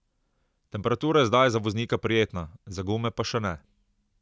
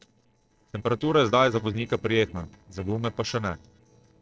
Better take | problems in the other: first | noise reduction (neural separator model SepFormer DNS4)

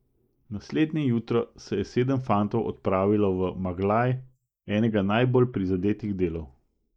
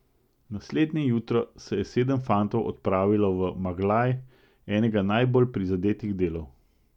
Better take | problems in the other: second | noise reduction (neural mask model Resemble Enhance denoiser)

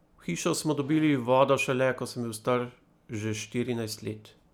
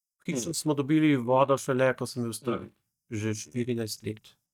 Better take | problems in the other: first | noise reduction (neural mask model DeepFilterNet 3)

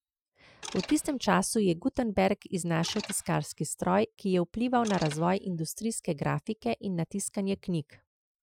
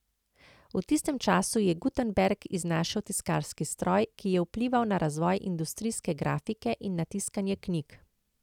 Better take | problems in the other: second | noise reduction (classical method Wiener filter)

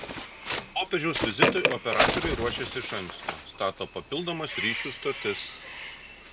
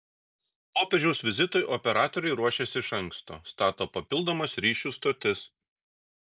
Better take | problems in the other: second | background sound (Bird); 1 dB above the speech

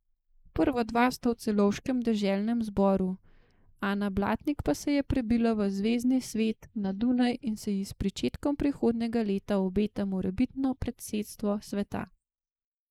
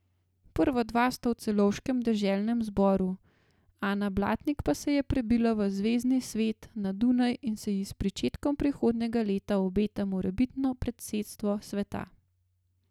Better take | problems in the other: second | noise reduction (neural mask model Resemble Enhance denoiser)

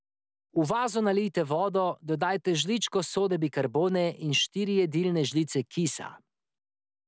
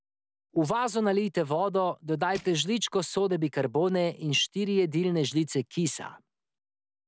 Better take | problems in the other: first | background sound (Crushing); 19 dB below the speech

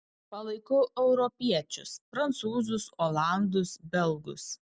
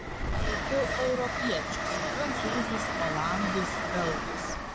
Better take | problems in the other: first | background sound (Train); 3 dB above the speech

